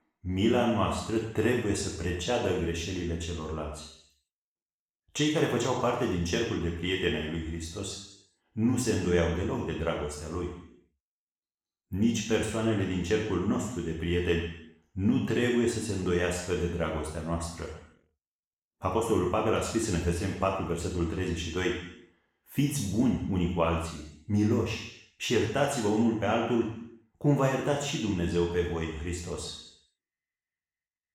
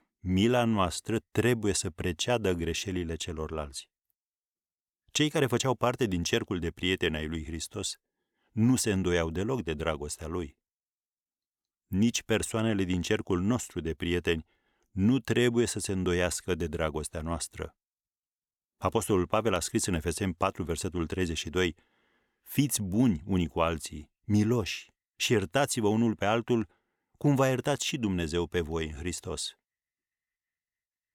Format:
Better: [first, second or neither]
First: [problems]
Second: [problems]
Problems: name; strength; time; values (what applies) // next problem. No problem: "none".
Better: second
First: room echo; noticeable; dies away in 0.7 s // off-mic speech; far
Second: none